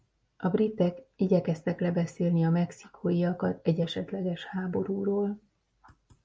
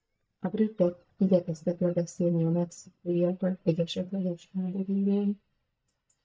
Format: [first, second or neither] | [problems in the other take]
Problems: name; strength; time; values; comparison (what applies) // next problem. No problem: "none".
first | noise reduction (neural mask model DeepFilterNet 3)